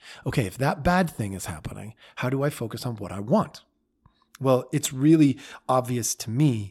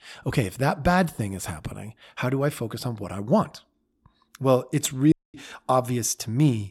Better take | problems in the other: first | audio cutting out; at 5 s

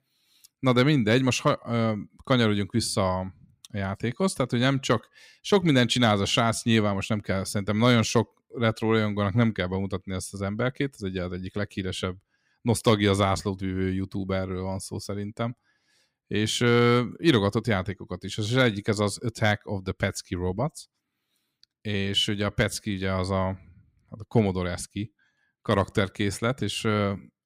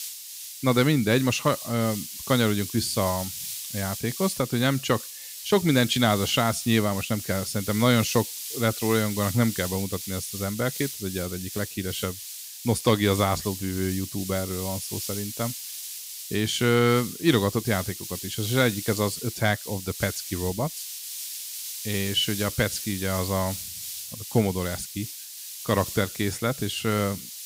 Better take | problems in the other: first | hiss; loud; throughout; 8 dB below the speech

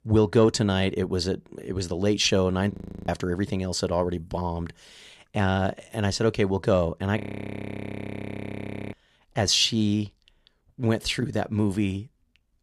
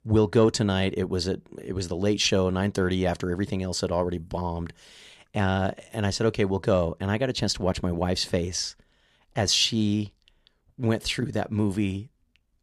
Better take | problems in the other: second | audio freezing; at 2.5 s and at 7 s for 1.5 s

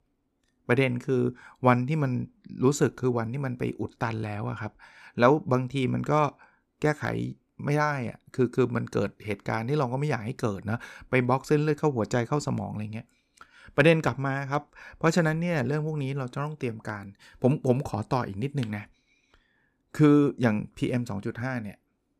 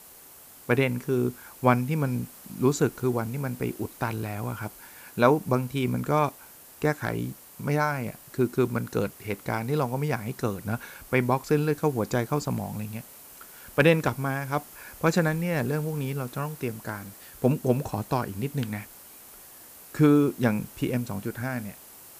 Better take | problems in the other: first | hiss; noticeable; throughout; 20 dB below the speech

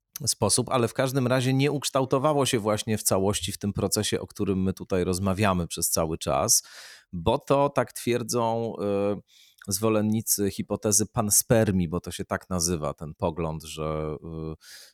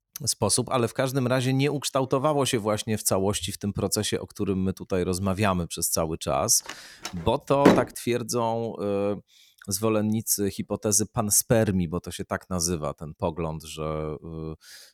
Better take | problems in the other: first | door banging; loud; at 7 s; peak 5 dB above the speech

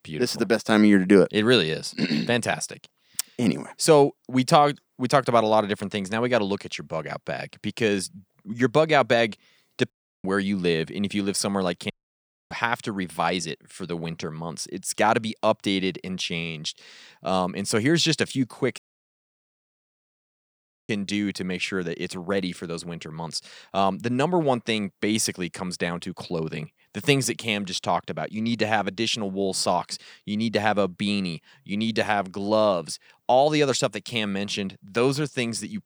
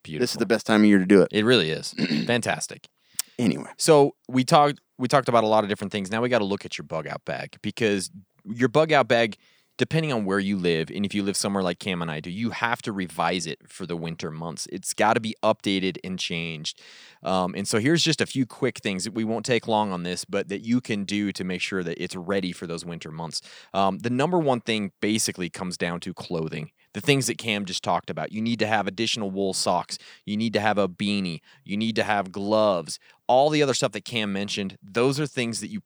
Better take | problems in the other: second | audio cutting out; at 10 s, at 12 s for 0.5 s and at 19 s for 2 s

